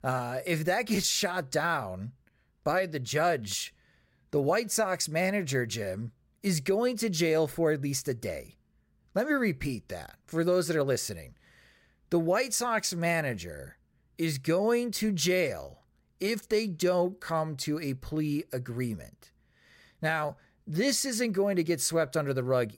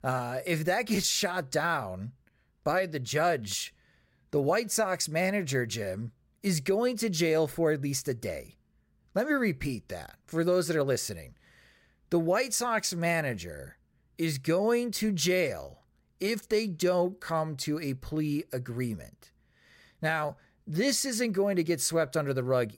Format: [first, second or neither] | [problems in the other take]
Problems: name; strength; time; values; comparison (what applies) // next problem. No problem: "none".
neither | none